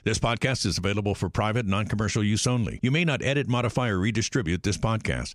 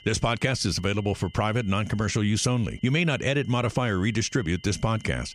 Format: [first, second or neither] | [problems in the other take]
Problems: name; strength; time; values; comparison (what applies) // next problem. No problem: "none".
first | high-pitched whine; faint; throughout; 3 kHz, 25 dB below the speech